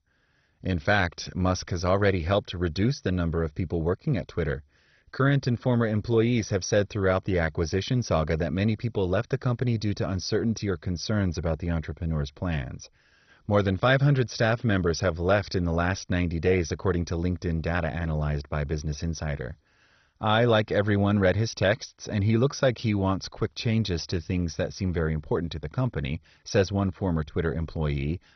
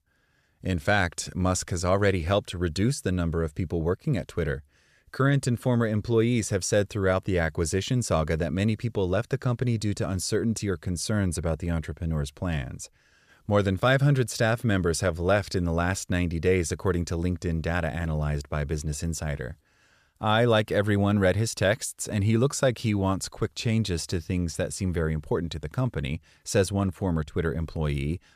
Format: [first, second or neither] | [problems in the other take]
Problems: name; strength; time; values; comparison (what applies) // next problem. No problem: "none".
second | garbled, watery; badly; nothing above 6 kHz